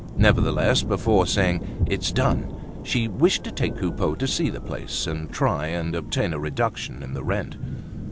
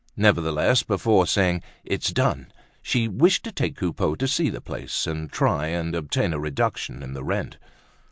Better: second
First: background sound (Thunder / Rain); 4 dB below the speech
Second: none

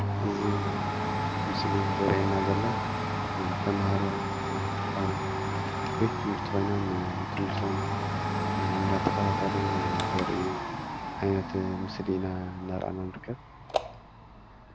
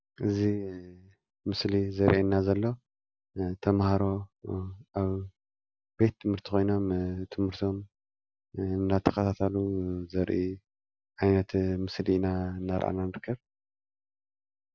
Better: second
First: background sound (Domestic sounds, home sounds); 2 dB above the speech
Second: none

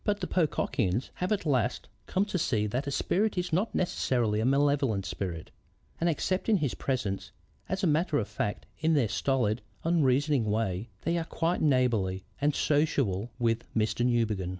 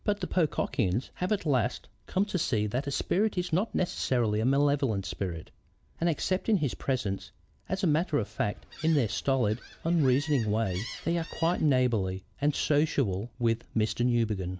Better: first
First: none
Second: background sound (Gull, seagull); 18 dB below the speech

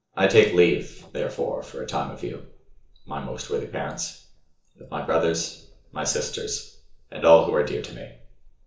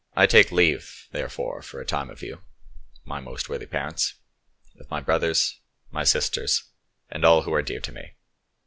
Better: second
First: noise reduction (neural separator model SepFormer DNS4)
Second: none

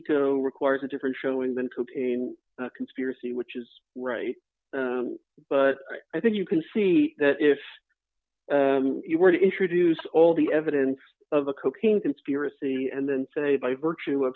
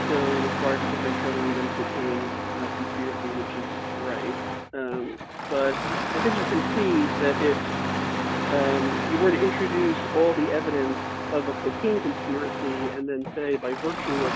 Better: first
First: none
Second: background sound (Engine starting); 1 dB below the speech

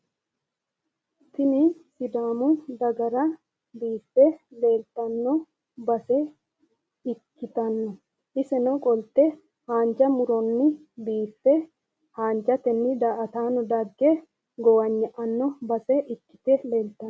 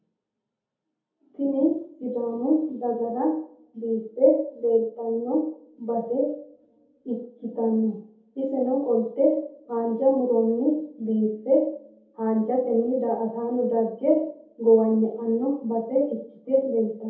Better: first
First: none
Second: room echo; dies away in 0.6 s

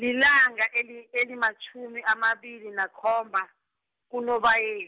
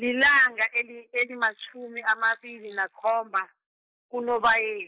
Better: first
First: none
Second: noise reduction (neural mask model Resemble Enhance denoiser)

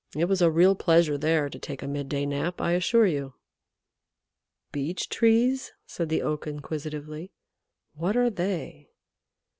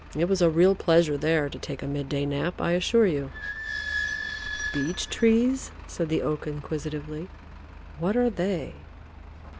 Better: first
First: none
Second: background sound (Squeak / Idling); 11 dB below the speech

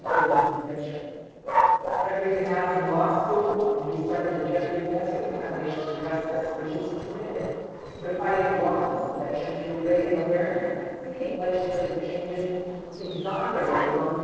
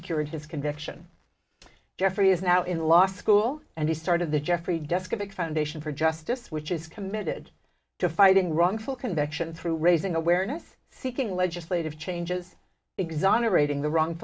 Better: second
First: noise reduction (neural separator model SepFormer DNS4)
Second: none

